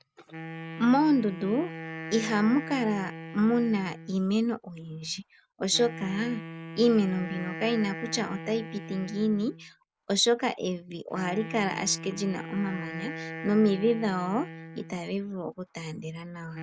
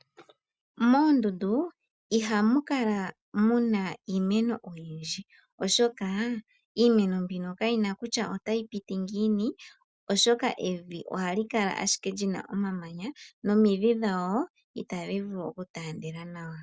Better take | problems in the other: second | background sound (Wind instrument, woodwind instrument); 12 dB below the speech

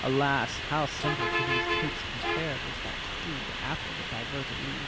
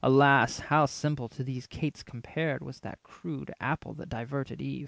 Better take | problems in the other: second | background sound (Bus); 1 dB above the speech

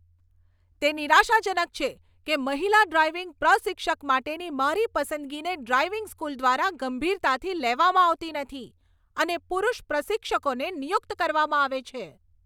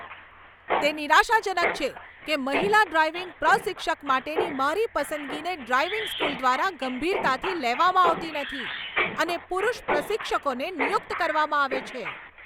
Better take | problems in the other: first | background sound (Mechanisms); 7 dB below the speech

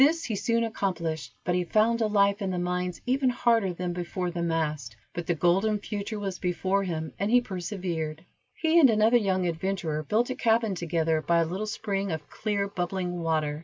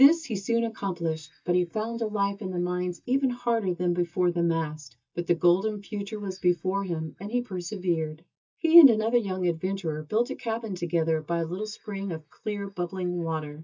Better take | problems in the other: first | noise reduction (neural mask model DeepFilterNet 3)

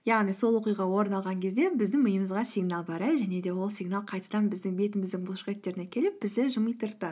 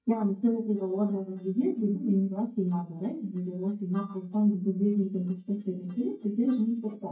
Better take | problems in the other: first | noise reduction (neural mask model DeepFilterNet 3)

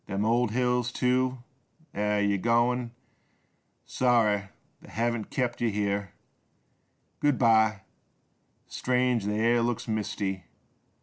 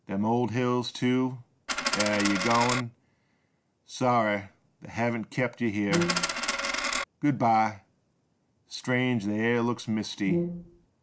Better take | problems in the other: first | background sound (Coin (dropping) + Brass instrument); as loud as the speech

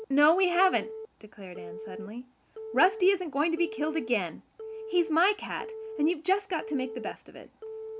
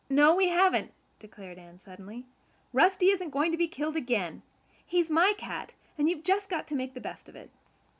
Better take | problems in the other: second | background sound (Telephone); 13 dB below the speech

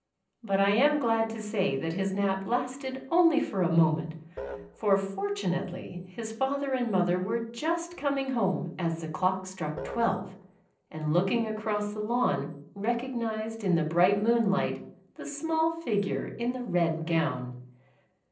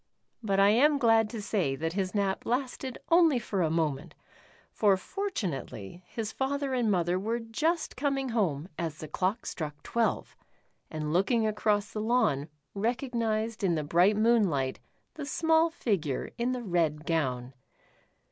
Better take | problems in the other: second | noise reduction (neural separator model SepFormer DNS4)

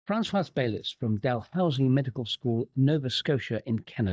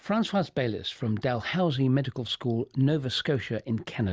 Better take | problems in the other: second | noise reduction (neural mask model DeepFilterNet 3)

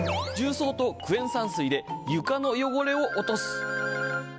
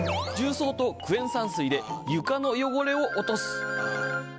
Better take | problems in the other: first | background sound (Burping, eructation); 13 dB below the speech

